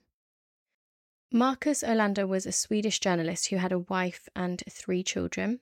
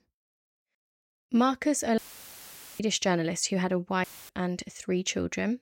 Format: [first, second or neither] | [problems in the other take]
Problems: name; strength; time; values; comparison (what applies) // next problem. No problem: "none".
first | audio cutting out; filled with static; at 2 s for 1 s and at 4 s